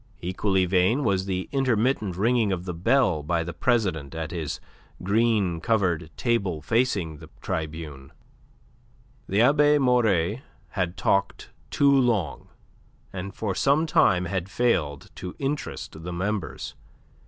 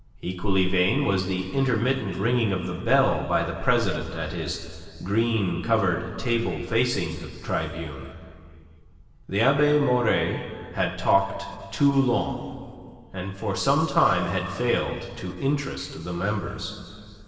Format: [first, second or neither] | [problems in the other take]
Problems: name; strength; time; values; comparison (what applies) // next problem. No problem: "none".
first | room echo; dies away in 2.4 s